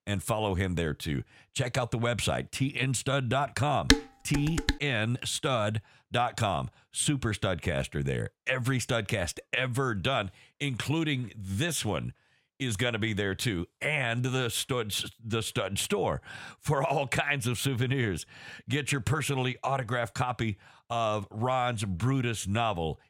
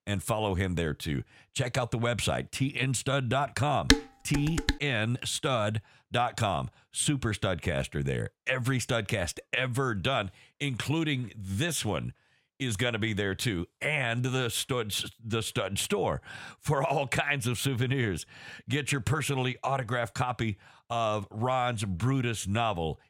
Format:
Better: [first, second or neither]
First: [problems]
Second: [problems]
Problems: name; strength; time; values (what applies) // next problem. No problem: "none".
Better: neither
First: clattering dishes; loud; at 4 s; peak 5 dB above the speech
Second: clattering dishes; loud; at 4 s; peak 5 dB above the speech